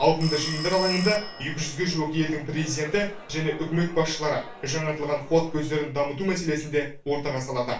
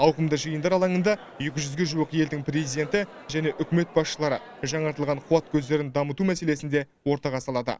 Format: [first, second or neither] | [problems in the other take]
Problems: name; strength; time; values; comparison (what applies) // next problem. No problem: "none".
second | background sound (Telephone); 12 dB below the speech // room echo; dies away in 0.3 s